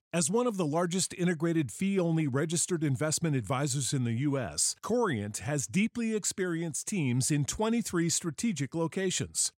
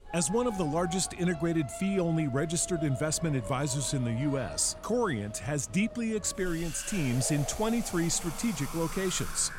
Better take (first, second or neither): first